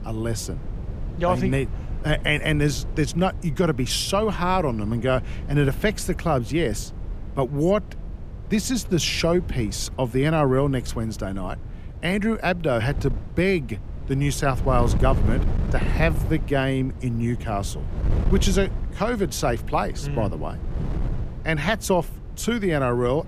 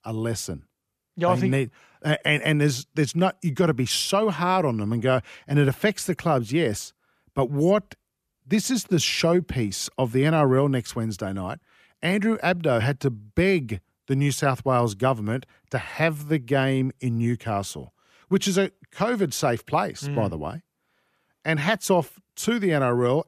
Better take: second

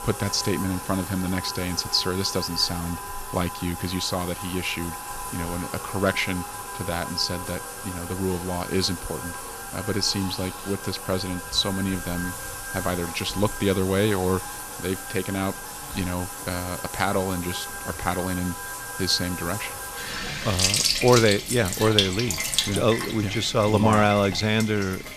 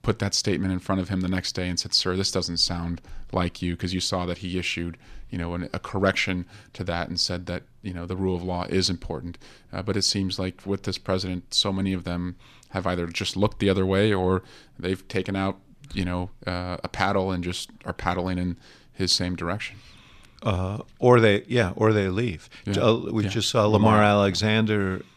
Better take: second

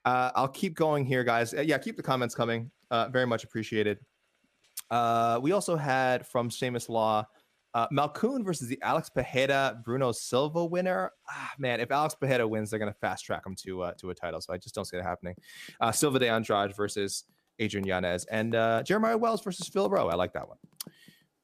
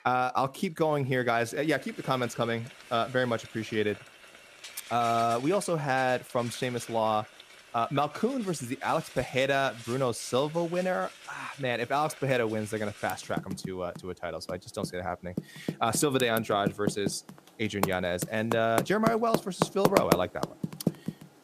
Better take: first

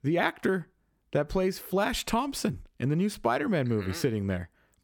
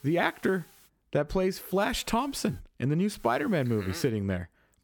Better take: first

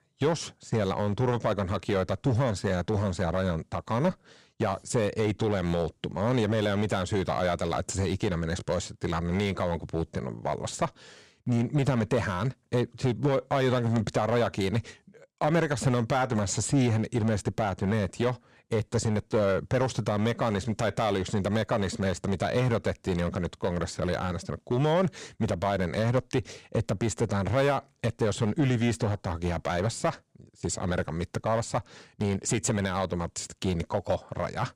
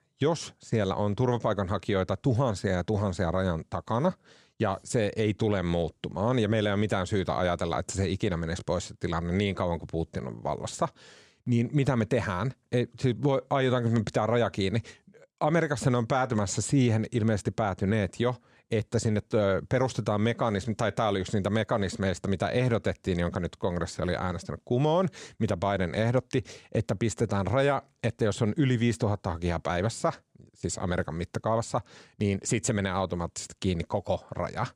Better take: second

